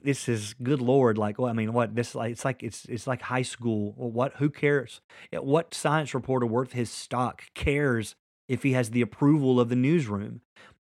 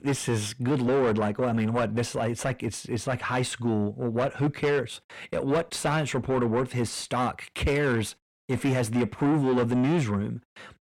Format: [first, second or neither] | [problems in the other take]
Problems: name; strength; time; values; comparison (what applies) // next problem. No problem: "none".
first | distortion; heavy; 6 dB below the speech